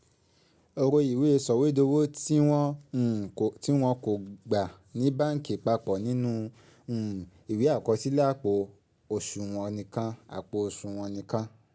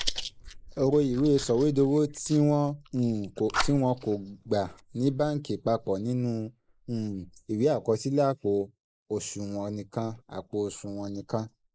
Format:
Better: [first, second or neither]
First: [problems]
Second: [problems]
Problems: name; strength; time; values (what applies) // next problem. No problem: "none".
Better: first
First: none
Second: noise reduction (neural mask model Resemble Enhance denoiser)